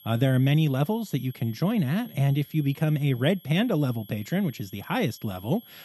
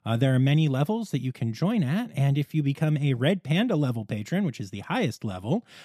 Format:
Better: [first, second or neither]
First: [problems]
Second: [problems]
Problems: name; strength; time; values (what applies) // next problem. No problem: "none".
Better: second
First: high-pitched whine; faint; throughout; 11.5 kHz, 20 dB below the speech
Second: none